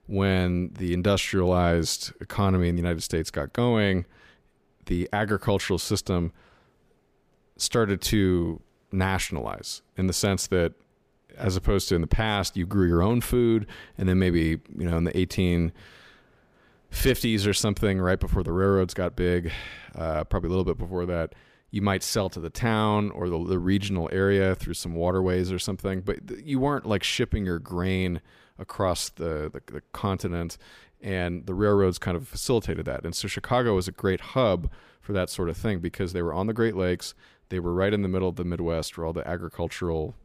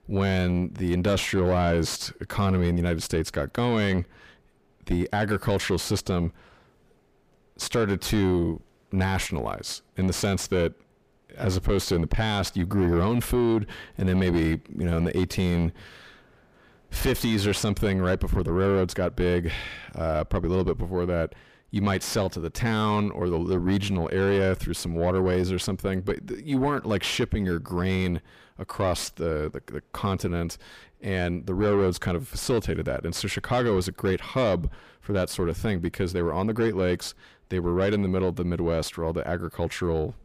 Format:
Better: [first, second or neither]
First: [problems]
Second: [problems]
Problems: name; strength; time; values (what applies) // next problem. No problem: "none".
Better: first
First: none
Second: distortion; slight; 10 dB below the speech